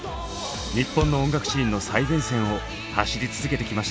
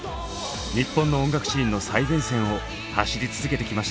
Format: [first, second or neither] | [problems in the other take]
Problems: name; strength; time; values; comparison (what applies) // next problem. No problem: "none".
second | background sound (Thump, thud); 9 dB below the speech